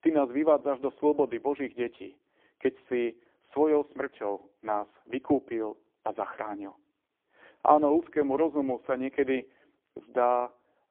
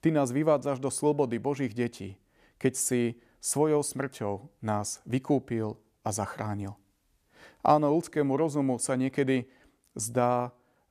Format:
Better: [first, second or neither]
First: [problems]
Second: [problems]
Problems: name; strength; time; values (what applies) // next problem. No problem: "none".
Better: second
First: phone-call audio; poor line; nothing above 3.5 kHz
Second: none